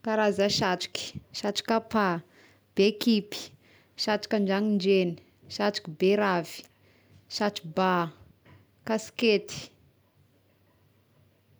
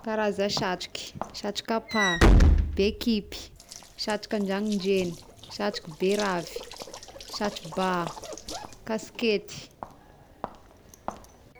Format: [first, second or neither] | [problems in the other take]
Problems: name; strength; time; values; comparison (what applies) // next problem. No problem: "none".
first | background sound (Walk, footsteps / Slam); 1 dB above the speech